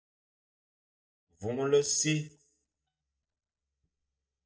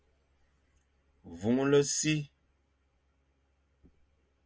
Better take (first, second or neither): second